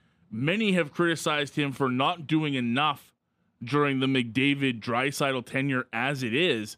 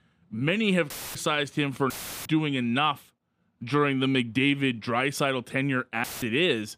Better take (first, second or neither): first